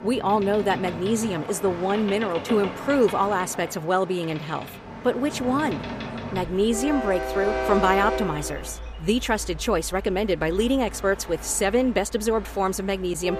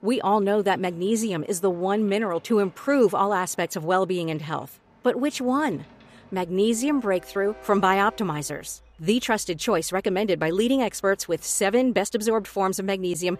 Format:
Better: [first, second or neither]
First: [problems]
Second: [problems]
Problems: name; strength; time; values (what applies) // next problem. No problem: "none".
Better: second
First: train or aircraft noise; loud; throughout; 9 dB below the speech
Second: train or aircraft noise; faint; throughout; 30 dB below the speech